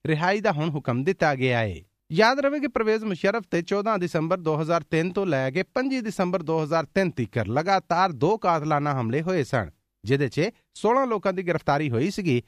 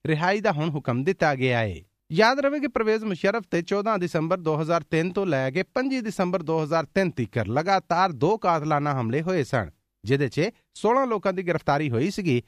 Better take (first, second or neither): neither